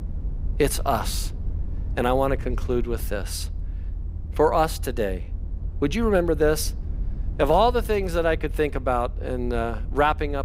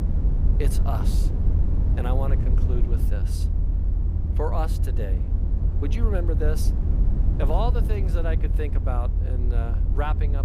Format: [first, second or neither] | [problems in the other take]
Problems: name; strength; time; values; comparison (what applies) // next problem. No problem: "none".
first | low rumble; loud; throughout; 6 dB below the speech; faint in the first